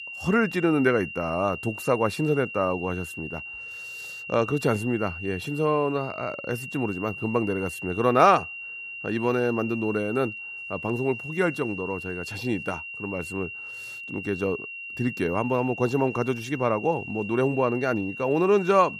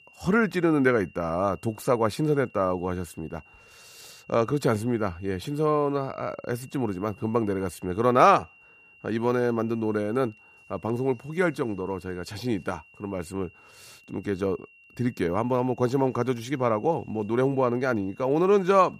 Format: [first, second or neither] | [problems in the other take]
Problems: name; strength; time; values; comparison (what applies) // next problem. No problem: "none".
second | high-pitched whine; loud; throughout; 3 kHz, 9 dB below the speech; faint in the second